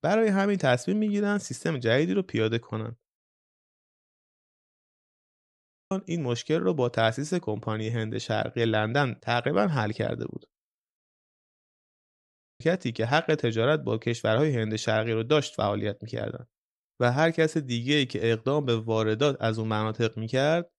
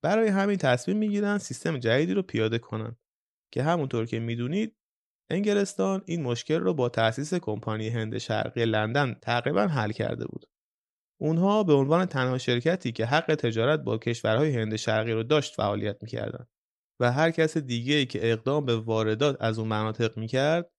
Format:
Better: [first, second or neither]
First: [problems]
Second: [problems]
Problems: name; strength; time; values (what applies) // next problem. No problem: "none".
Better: second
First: audio cutting out; at 3 s for 2.5 s and at 11 s for 1.5 s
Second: none